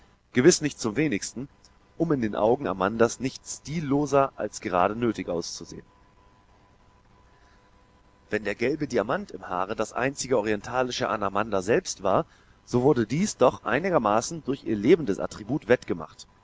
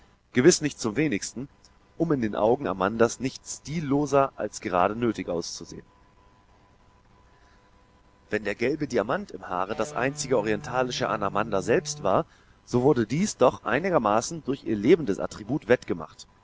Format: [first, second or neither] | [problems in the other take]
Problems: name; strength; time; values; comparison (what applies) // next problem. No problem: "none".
first | background sound (Electric guitar); 16 dB below the speech